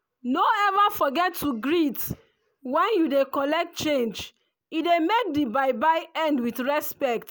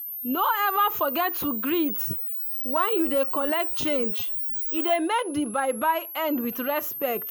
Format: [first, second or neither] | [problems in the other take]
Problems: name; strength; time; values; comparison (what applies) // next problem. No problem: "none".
first | background sound (Camera); 4 dB below the speech